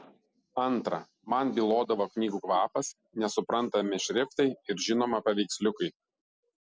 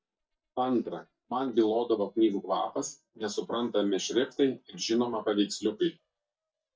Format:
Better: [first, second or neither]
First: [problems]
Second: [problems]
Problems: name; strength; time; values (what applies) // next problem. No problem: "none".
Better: first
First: none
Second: noise reduction (neural mask model DeepFilterNet 3)